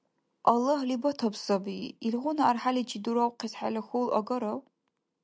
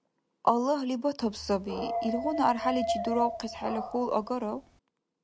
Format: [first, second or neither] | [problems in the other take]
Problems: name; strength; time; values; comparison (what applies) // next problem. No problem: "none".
first | background sound (Dog); 5 dB below the speech